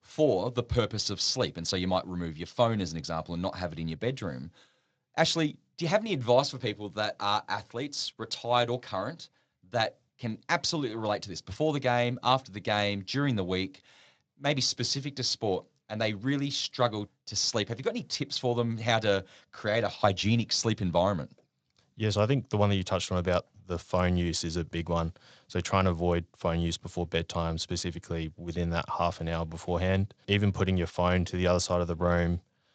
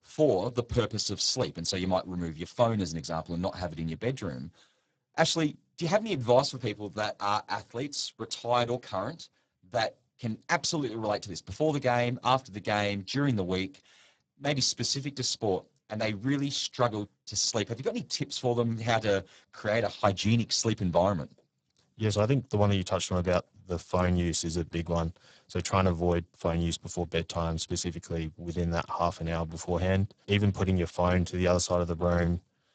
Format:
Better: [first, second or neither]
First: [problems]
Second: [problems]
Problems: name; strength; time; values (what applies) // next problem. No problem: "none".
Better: first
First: garbled, watery; slightly; nothing above 7.5 kHz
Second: garbled, watery; badly; nothing above 7.5 kHz